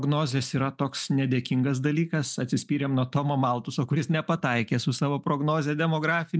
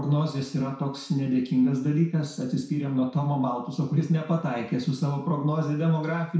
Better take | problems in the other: first | room echo; dies away in 0.6 s

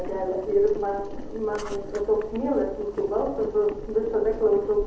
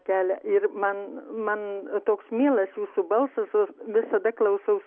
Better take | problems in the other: second | background sound (Boiling); 11 dB below the speech // room echo; dies away in 0.8 s

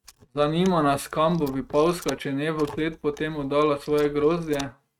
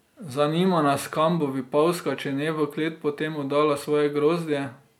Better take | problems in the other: second | noise reduction (neural mask model RNNoise)

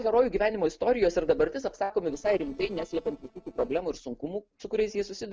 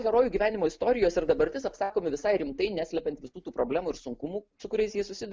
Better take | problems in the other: second | noise reduction (neural separator model SepFormer DNS4)

